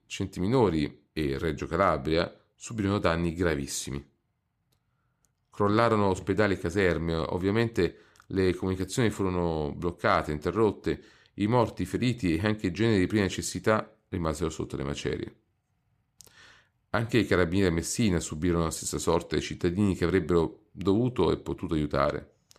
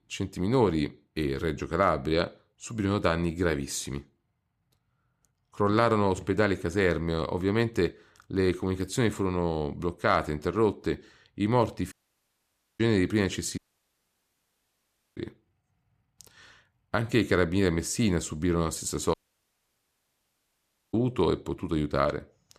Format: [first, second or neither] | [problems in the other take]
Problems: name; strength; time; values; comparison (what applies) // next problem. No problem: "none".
first | audio cutting out; at 12 s for 1 s, at 14 s for 1.5 s and at 19 s for 2 s